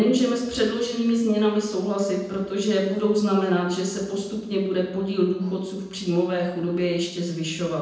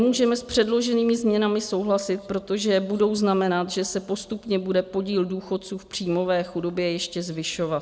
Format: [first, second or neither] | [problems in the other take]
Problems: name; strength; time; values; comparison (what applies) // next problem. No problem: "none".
second | room echo; dies away in 0.9 s